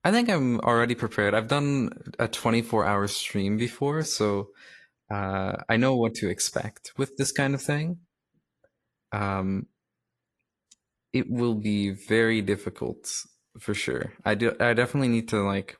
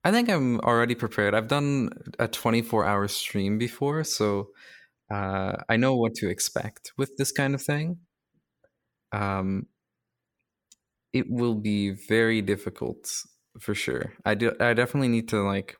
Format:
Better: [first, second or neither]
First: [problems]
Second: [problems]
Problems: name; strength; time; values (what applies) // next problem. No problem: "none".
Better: second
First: garbled, watery; slightly; nothing above 11.5 kHz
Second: none